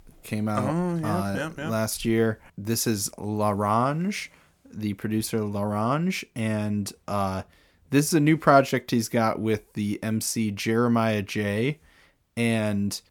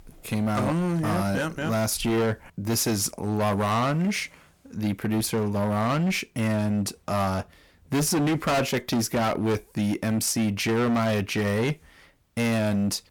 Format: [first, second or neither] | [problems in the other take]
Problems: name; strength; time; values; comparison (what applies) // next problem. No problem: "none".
first | distortion; heavy; 19% of the sound clipped